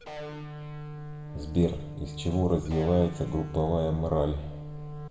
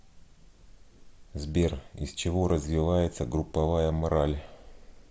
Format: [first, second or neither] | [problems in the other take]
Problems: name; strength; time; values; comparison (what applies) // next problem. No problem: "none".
second | background sound (Electric guitar); 10 dB below the speech // room echo; dies away in 0.7 s